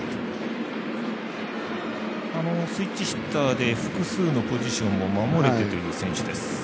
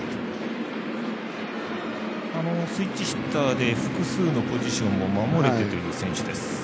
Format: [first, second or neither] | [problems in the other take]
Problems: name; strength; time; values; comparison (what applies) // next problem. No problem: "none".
first | background sound (Bowed string instrument); 8 dB below the speech